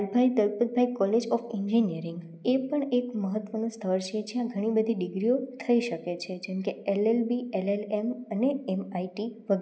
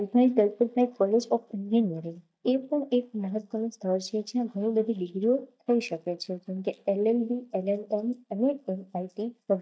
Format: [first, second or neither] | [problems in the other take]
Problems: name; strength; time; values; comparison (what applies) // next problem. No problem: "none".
first | noise reduction (neural mask model DeepFilterNet 3)